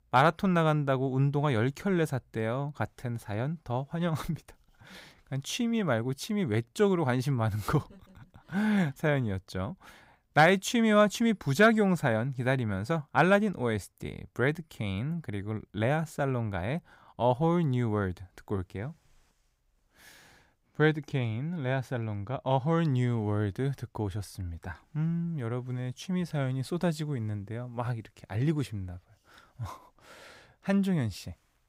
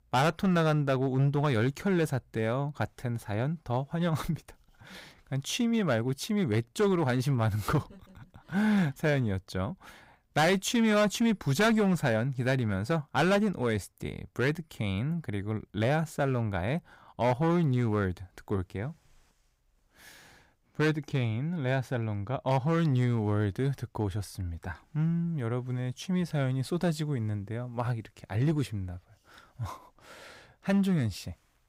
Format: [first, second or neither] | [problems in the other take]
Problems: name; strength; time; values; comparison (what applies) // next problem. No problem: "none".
first | distortion; slight; 5% of the sound clipped